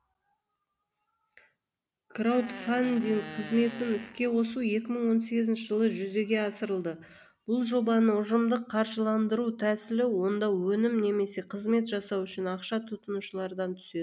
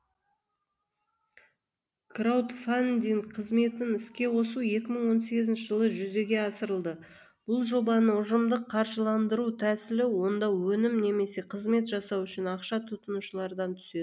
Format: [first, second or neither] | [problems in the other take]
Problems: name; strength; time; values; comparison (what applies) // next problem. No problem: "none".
second | background sound (Fart); 15 dB below the speech